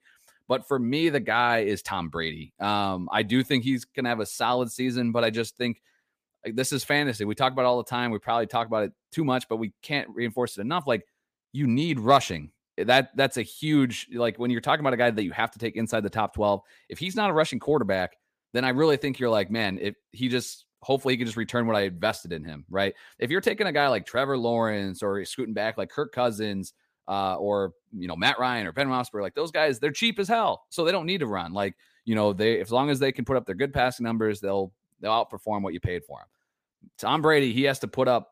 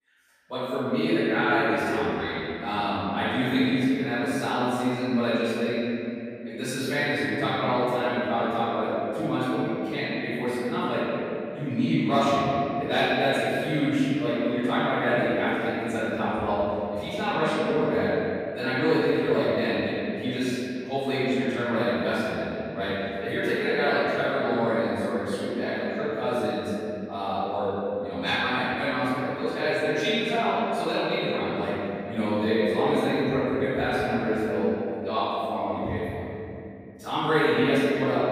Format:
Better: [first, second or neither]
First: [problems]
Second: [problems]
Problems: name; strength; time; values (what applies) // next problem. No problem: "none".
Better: first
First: none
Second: off-mic speech; far // room echo; strong; dies away in 2.8 s